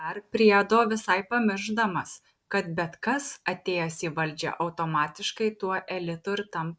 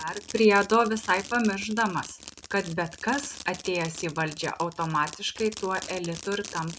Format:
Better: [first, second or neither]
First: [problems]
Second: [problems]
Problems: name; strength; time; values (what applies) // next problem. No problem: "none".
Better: first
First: none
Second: background sound (Fireworks); 15 dB below the speech